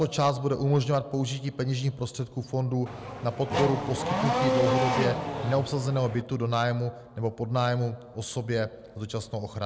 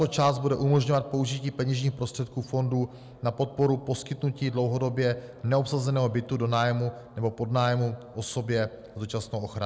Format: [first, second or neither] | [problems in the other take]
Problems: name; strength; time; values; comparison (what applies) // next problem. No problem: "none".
second | background sound (Race car, auto racing / Accelerating, revving, vroom); 1 dB below the speech